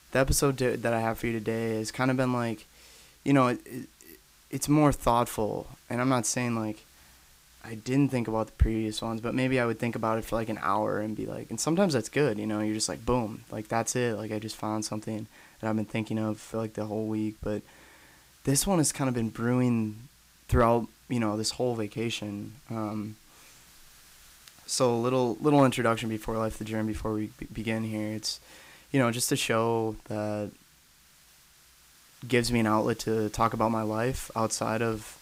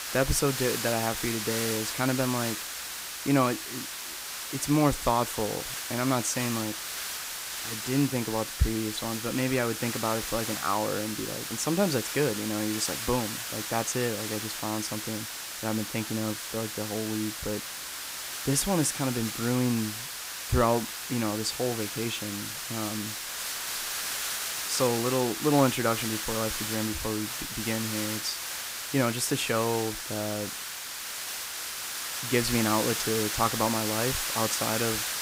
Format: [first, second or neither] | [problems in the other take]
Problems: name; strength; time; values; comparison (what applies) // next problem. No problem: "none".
first | hiss; loud; throughout; 3 dB below the speech; faint in the first